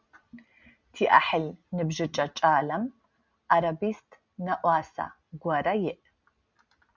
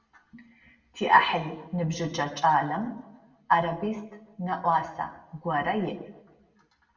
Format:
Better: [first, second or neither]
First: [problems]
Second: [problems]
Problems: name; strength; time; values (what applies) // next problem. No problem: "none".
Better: first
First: none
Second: room echo; dies away in 0.7 s